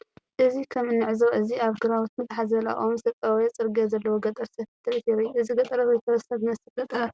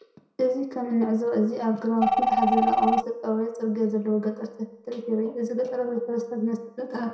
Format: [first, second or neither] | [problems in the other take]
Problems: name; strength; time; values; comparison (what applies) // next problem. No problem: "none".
first | background sound (Telephone); 1 dB below the speech // room echo; dies away in 0.6 s